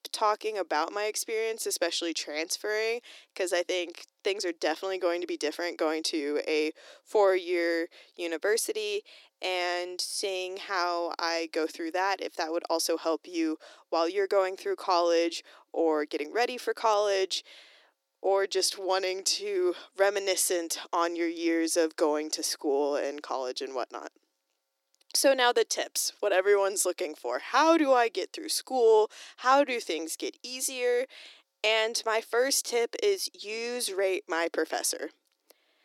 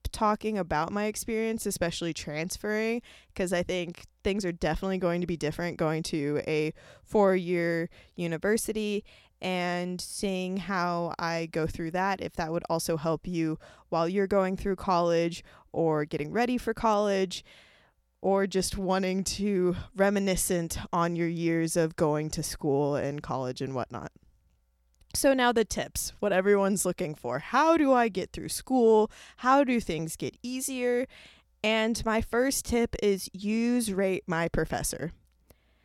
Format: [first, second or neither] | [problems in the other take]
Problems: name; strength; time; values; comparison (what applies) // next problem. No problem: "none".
second | thin; very; fading below 300 Hz